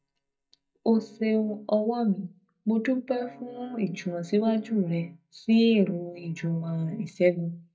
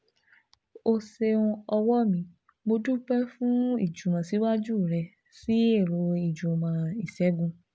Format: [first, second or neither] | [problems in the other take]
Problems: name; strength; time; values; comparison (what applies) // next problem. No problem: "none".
second | noise reduction (neural mask model DeepFilterNet 3)